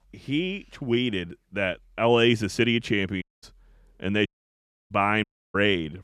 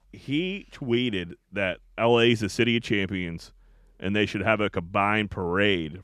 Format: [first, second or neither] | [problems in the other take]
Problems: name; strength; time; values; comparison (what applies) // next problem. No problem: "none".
second | audio cutting out; at 3 s, at 4.5 s for 0.5 s and at 5 s